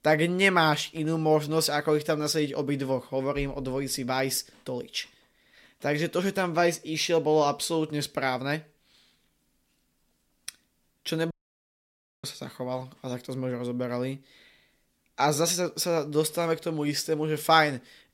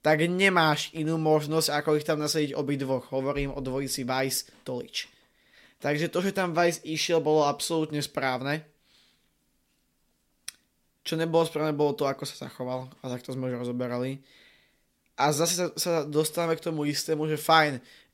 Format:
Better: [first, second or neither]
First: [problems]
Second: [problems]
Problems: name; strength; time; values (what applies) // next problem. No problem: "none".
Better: second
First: audio cutting out; at 11 s for 1 s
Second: none